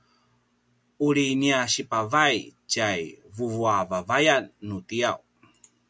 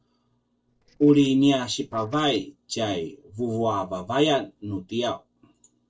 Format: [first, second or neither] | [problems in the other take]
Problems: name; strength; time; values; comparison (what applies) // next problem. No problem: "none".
first | noise reduction (neural separator model SepFormer DNS4)